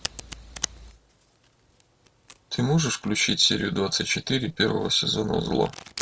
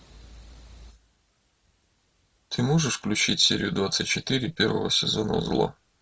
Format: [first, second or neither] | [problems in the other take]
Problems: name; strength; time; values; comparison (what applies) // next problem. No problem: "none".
second | background sound (Domestic sounds, home sounds); 16 dB below the speech